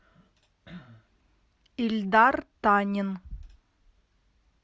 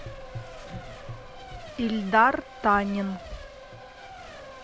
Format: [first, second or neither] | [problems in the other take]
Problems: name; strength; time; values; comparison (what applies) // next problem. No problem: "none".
first | background sound (Gurgling / Engine + Race car, auto racing / Accelerating, revving, vroom / Mechanisms); 12 dB below the speech